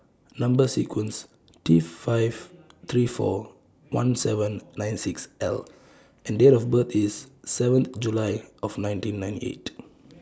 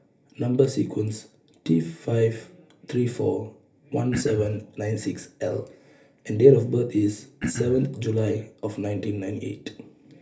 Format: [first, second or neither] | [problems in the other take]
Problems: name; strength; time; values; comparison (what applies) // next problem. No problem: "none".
first | background sound (Cough); 5 dB below the speech // room echo; dies away in 0.3 s